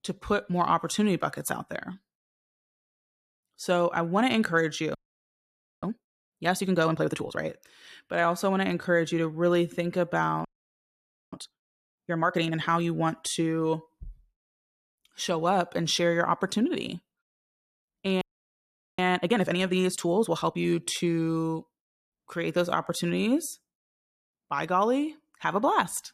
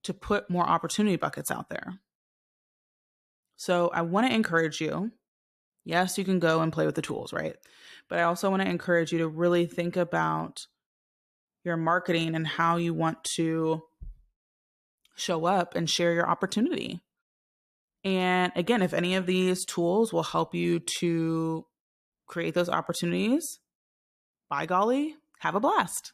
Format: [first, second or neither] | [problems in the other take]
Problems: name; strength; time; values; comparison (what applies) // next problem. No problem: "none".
second | audio freezing; at 5 s for 1 s, at 10 s for 1 s and at 18 s for 1 s